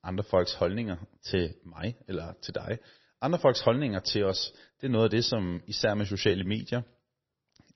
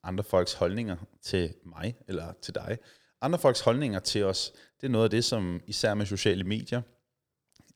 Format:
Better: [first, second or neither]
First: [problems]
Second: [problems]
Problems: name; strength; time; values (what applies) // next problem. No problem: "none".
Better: second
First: garbled, watery; slightly; nothing above 5.5 kHz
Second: none